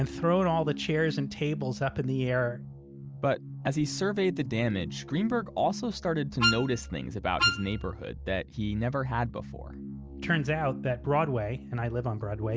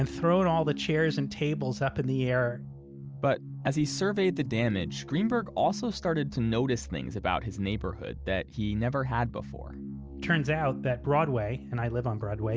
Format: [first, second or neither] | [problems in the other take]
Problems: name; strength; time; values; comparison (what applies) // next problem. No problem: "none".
second | background sound (Wind instrument, woodwind instrument); 1 dB below the speech